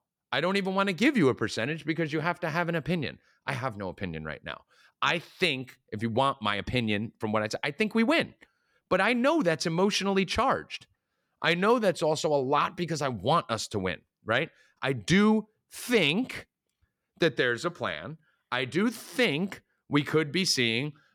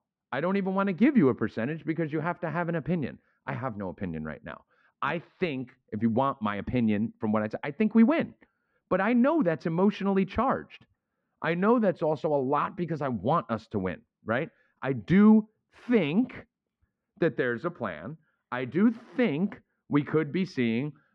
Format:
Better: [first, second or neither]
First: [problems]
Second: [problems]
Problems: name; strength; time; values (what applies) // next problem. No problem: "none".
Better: first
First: none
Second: muffled; very; fading above 1.5 kHz